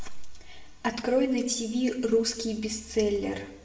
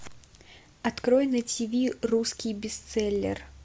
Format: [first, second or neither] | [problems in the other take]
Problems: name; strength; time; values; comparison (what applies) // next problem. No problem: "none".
second | room echo; dies away in 0.6 s